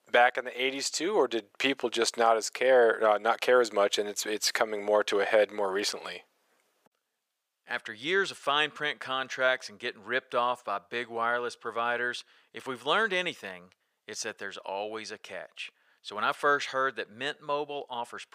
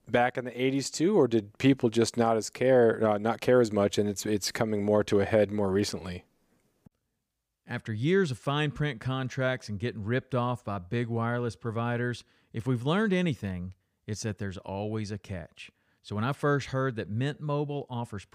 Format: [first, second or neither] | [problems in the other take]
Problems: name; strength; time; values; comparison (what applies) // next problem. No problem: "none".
second | thin; very; fading below 600 Hz